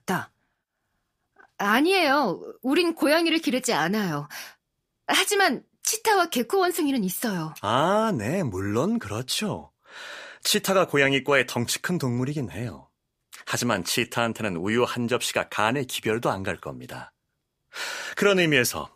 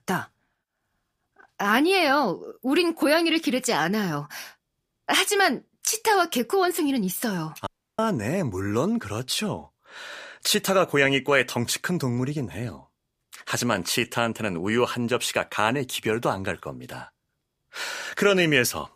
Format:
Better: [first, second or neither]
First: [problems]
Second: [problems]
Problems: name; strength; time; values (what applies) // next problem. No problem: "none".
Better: first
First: none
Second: audio cutting out; at 7.5 s